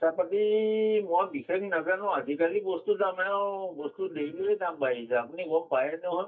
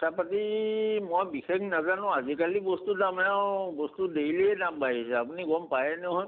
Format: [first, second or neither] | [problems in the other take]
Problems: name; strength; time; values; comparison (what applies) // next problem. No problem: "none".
second | noise reduction (neural mask model DeepFilterNet 3)